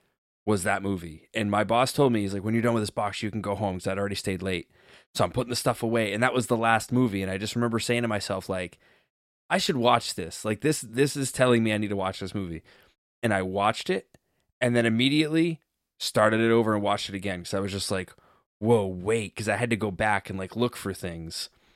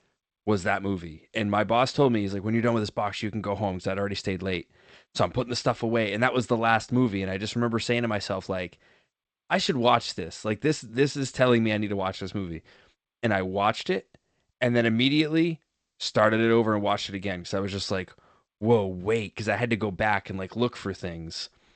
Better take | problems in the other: first | garbled, watery; slightly; nothing above 8 kHz

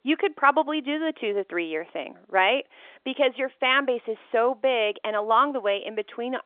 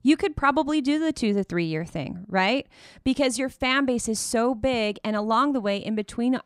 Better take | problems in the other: second | phone-call audio; nothing above 3 kHz

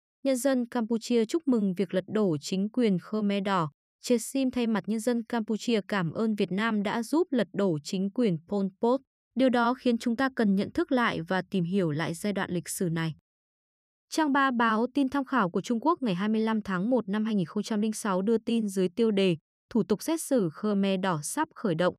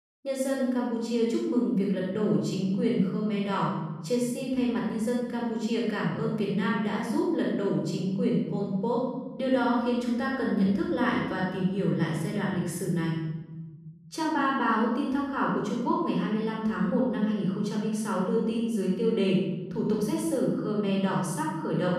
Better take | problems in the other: first | off-mic speech; far // room echo; noticeable; dies away in 1.8 s

